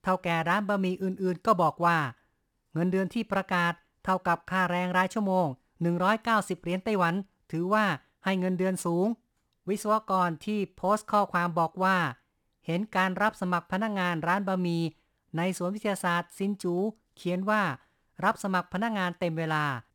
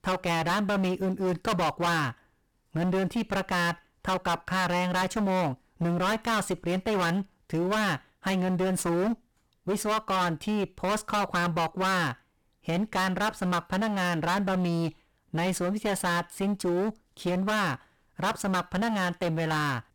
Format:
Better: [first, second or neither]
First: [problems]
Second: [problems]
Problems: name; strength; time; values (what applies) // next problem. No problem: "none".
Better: first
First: none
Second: distortion; heavy; 24% of the sound clipped